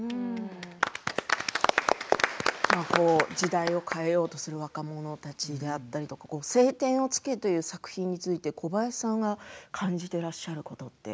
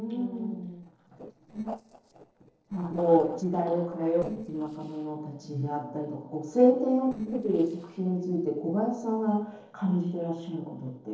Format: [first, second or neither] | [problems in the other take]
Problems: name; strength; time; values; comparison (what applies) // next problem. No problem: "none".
first | noise reduction (neural separator model SepFormer DNS4)